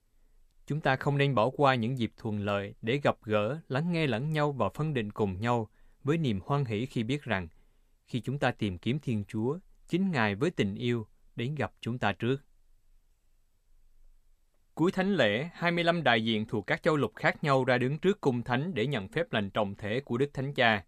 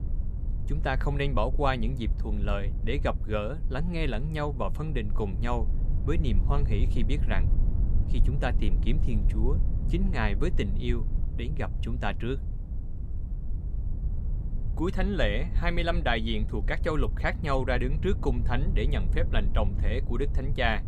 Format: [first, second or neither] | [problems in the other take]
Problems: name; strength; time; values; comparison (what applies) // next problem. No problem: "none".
first | low rumble; noticeable; throughout; 15 dB below the speech